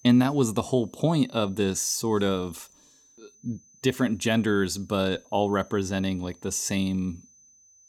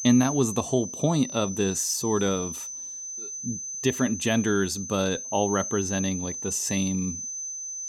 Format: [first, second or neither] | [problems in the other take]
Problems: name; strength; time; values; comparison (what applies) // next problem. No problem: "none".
first | high-pitched whine; loud; throughout; 6 kHz, 6 dB below the speech; faint in the first